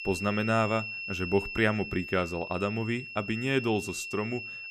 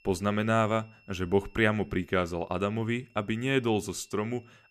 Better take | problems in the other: second | high-pitched whine; loud; throughout; 2.5 kHz, 7 dB below the speech; faint in the second

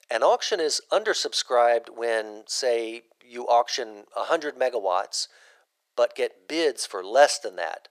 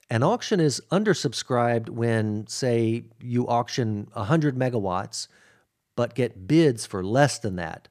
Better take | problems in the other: second | thin; very; fading below 450 Hz

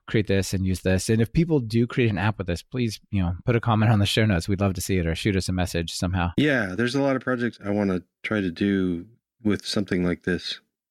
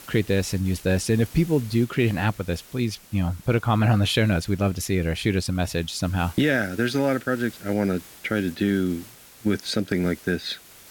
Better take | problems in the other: first | hiss; faint; throughout; 20 dB below the speech

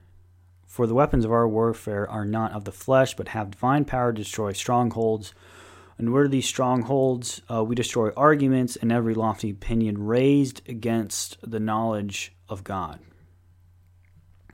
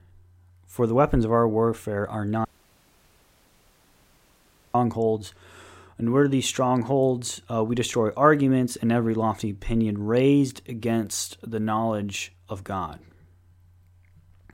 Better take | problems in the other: first | audio cutting out; at 2.5 s for 2.5 s

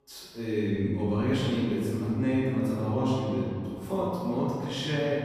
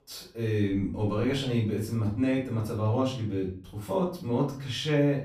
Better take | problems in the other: second | room echo; strong; dies away in 2.2 s; slight in the second // off-mic speech; far; far in the second

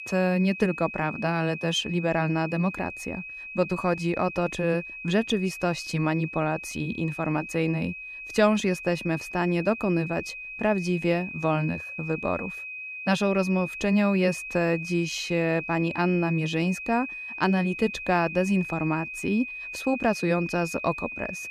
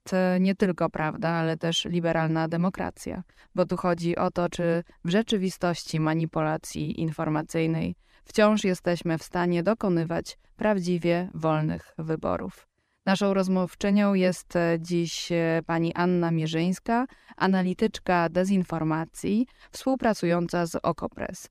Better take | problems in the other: second | high-pitched whine; loud; throughout; 2.5 kHz, 9 dB below the speech

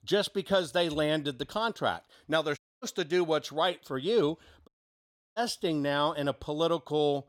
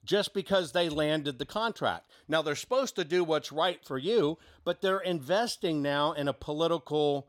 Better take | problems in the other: second | audio cutting out; at 2.5 s and at 4.5 s for 0.5 s

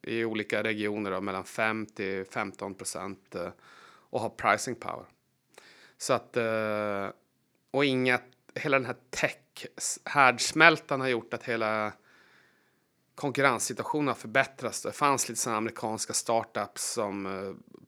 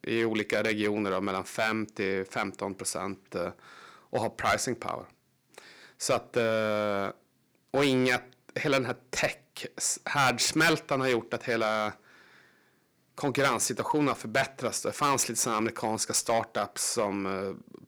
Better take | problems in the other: first | distortion; heavy; 3% of the sound clipped

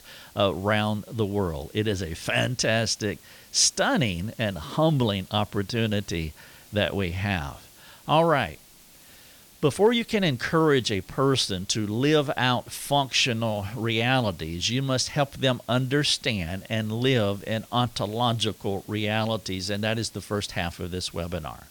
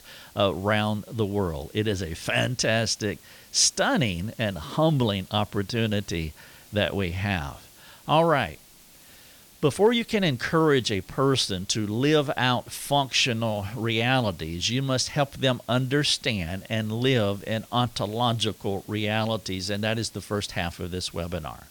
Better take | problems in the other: neither | hiss; faint; throughout; 25 dB below the speech; the same in both

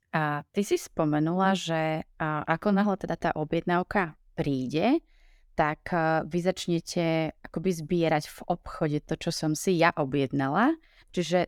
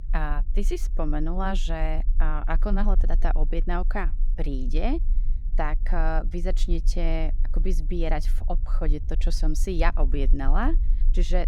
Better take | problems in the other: first | low rumble; faint; throughout; 20 dB below the speech

